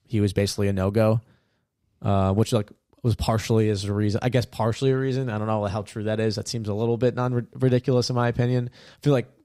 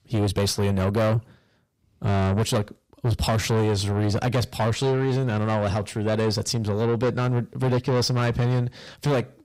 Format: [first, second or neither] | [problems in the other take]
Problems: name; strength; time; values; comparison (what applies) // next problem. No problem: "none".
first | distortion; heavy; 7 dB below the speech